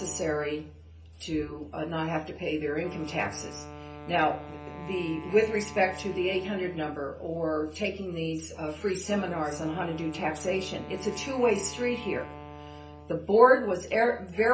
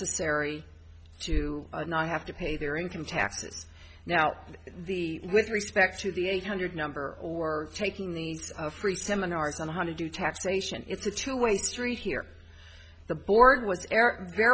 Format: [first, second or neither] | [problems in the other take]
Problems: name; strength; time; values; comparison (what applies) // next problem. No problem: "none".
second | background sound (Wind instrument, woodwind instrument); 17 dB below the speech // room echo; dies away in 0.3 s